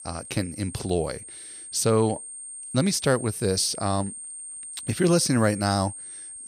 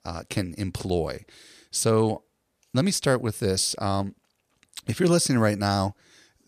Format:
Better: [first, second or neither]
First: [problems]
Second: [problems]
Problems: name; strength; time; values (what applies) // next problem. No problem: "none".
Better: second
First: high-pitched whine; noticeable; throughout; 8.5 kHz, 10 dB below the speech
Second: none